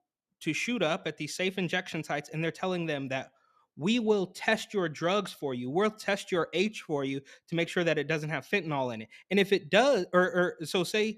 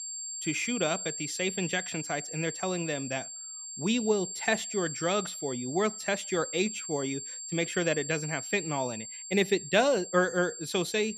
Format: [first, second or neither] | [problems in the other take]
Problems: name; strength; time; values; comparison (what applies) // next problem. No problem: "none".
first | high-pitched whine; loud; throughout; 7.5 kHz, 7 dB below the speech